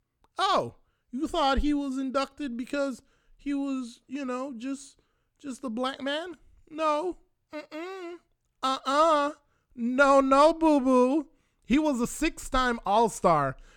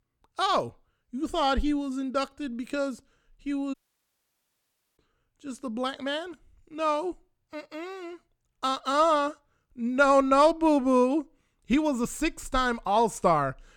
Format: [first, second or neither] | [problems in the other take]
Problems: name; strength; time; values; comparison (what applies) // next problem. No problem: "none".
first | audio cutting out; at 3.5 s for 1 s